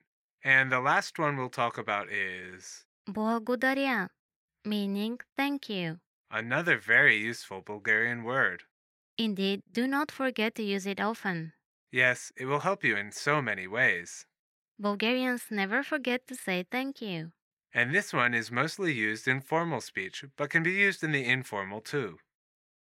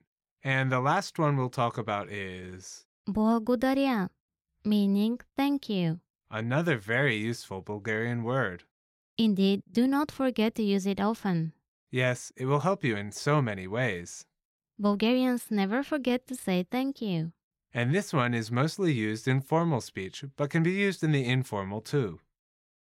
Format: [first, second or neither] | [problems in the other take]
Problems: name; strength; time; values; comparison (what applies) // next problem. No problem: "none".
second | thin; somewhat; fading below 650 Hz